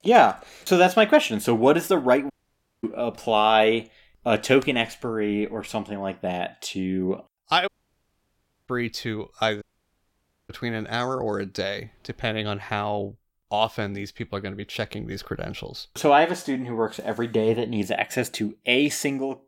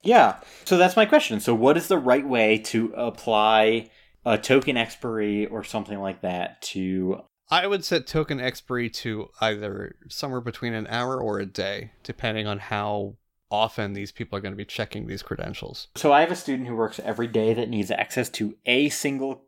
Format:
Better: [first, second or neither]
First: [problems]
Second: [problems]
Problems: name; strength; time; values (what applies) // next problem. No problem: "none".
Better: second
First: audio cutting out; at 2.5 s for 0.5 s, at 7.5 s for 1 s and at 9.5 s for 1 s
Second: none